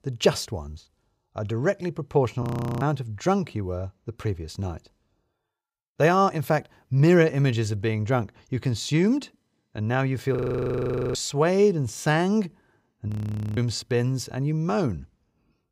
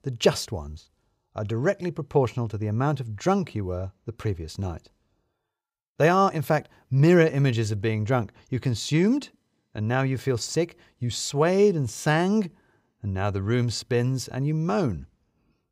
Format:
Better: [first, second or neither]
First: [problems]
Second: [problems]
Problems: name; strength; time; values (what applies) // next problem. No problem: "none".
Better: second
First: audio freezing; at 2.5 s, at 10 s for 1 s and at 13 s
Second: none